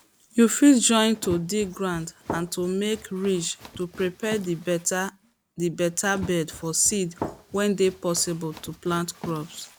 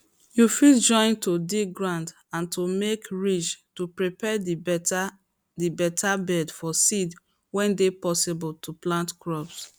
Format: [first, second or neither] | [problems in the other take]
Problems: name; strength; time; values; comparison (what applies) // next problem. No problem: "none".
second | background sound (Run); 17 dB below the speech